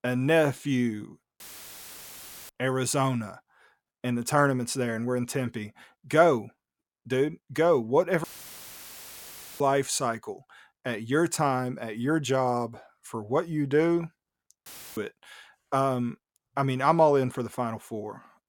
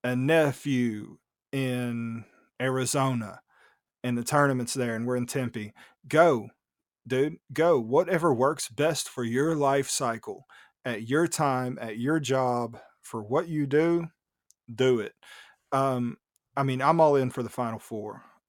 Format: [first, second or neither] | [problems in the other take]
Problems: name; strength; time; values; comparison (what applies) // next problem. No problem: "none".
second | audio cutting out; filled with static; at 1.5 s for 1 s, at 8 s for 1.5 s and at 15 s